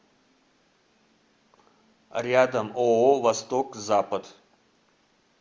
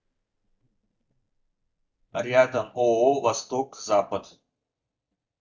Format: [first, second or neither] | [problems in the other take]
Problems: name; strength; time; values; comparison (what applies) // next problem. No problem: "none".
first | noise reduction (neural mask model DeepFilterNet 3)